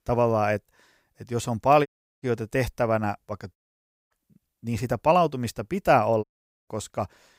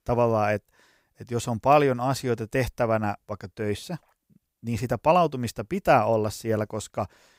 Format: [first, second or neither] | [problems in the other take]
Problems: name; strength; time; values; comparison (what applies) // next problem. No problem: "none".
second | audio cutting out; at 2 s, at 3.5 s for 0.5 s and at 6 s